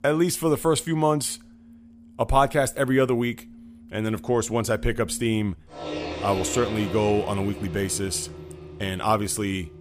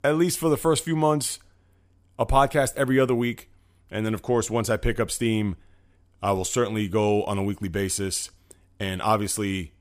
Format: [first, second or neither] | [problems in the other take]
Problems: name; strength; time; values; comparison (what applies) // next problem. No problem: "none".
second | background music; noticeable; throughout; 10 dB below the speech